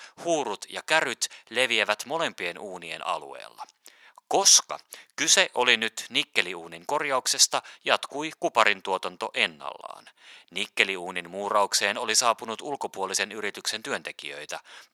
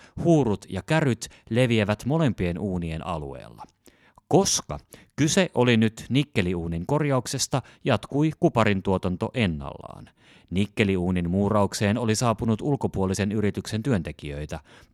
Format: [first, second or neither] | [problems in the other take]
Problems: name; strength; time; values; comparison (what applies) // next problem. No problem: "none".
second | thin; very; fading below 850 Hz